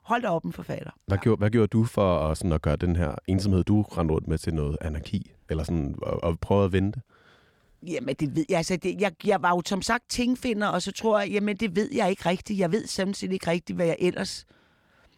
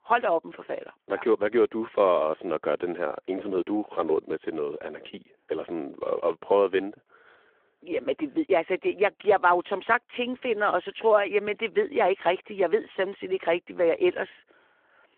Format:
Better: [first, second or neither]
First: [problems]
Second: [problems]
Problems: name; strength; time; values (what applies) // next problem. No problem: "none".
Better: first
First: none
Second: phone-call audio